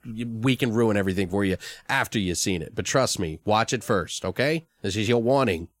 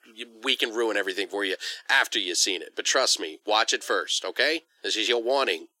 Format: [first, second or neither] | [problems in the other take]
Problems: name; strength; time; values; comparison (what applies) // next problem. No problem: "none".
first | thin; very; fading below 350 Hz